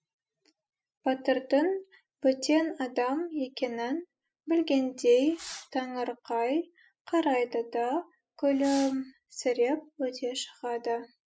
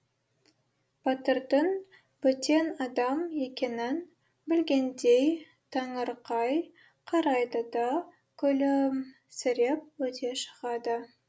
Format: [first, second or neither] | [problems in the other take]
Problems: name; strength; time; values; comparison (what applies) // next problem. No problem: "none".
second | noise reduction (classical method spectral subtraction)